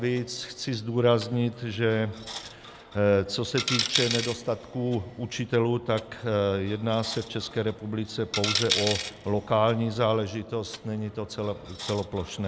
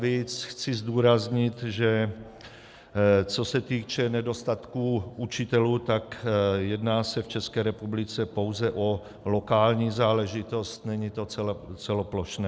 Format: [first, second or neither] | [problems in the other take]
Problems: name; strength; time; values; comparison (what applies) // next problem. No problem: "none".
second | background sound (Coin (dropping)); 9 dB below the speech